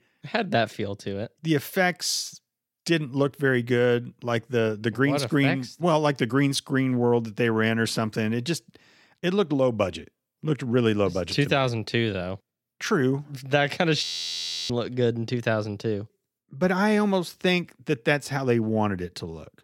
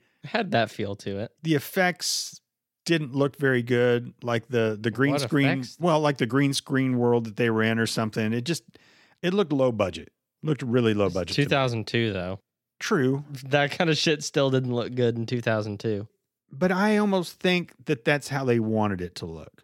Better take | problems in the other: second | audio freezing; at 14 s for 0.5 s

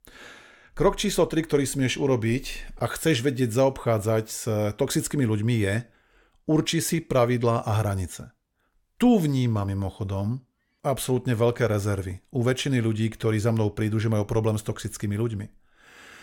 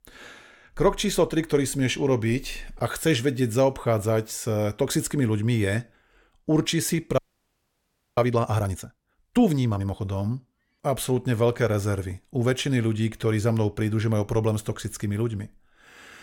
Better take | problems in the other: first | audio freezing; at 7 s for 1 s

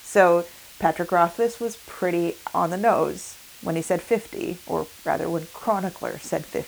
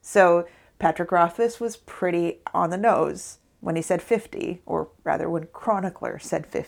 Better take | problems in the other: second | hiss; noticeable; throughout; 20 dB below the speech

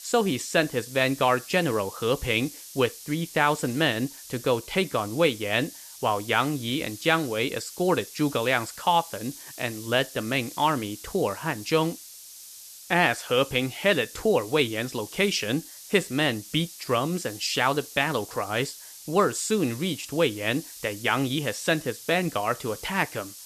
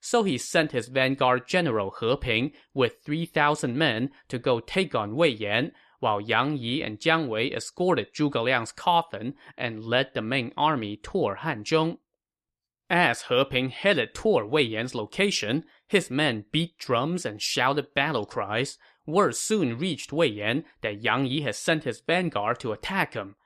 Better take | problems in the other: second | hiss; noticeable; throughout; 15 dB below the speech

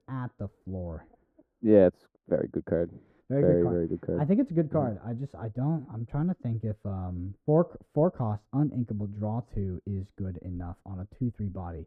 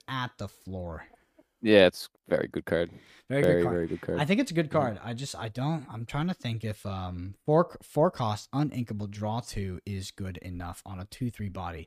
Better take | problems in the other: second | muffled; very; fading above 1.5 kHz

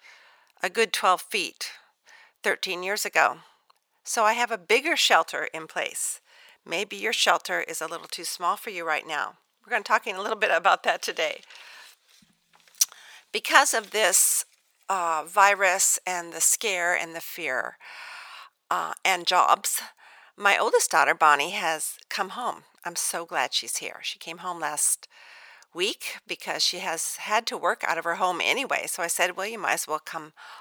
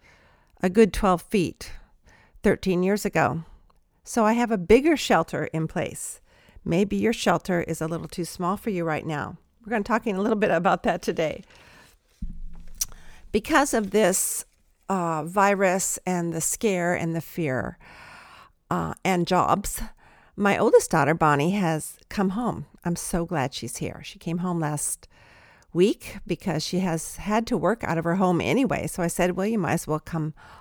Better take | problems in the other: second | thin; very; fading below 850 Hz

